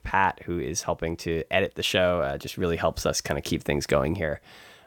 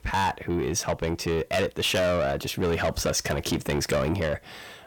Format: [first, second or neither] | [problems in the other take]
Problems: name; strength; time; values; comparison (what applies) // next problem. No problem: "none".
first | distortion; heavy; 7 dB below the speech